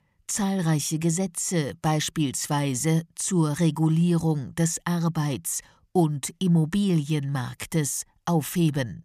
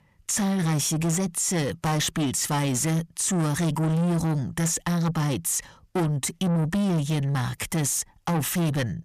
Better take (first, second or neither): first